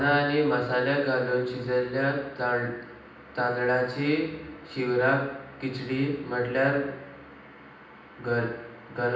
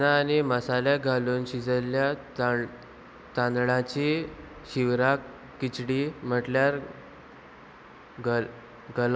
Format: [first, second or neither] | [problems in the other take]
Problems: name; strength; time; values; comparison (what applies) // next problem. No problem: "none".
second | room echo; dies away in 0.9 s